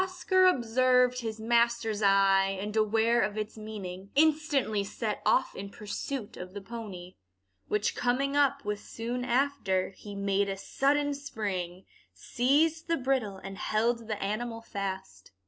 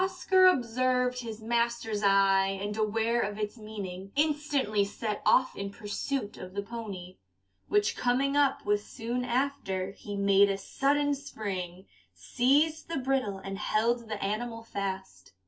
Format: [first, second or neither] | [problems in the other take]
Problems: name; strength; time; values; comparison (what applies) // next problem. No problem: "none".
first | room echo; dies away in 0.1 s